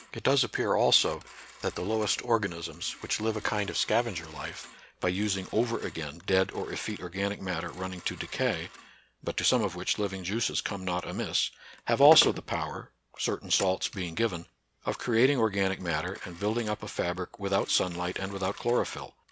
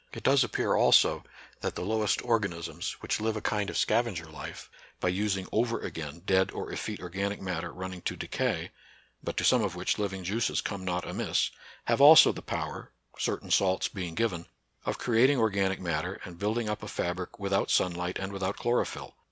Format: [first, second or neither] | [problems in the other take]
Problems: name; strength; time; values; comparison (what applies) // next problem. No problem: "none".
second | background sound (Telephone); 20 dB below the speech